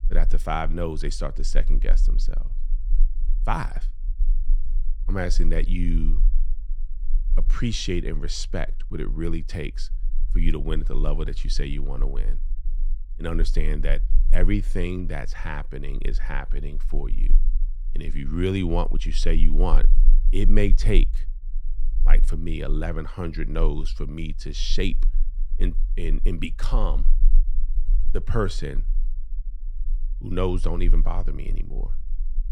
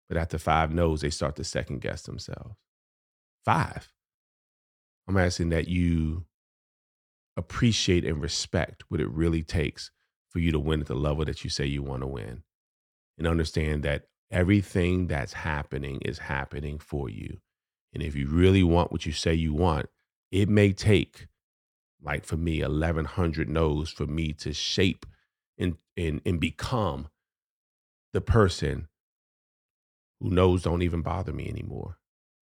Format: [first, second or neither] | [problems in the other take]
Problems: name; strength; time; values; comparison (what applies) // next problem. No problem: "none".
second | low rumble; faint; throughout; 25 dB below the speech